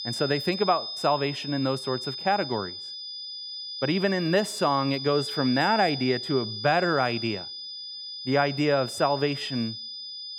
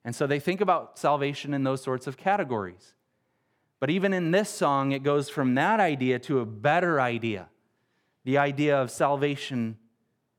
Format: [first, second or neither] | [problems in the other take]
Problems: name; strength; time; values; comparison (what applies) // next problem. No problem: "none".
second | high-pitched whine; loud; throughout; 5 kHz, 7 dB below the speech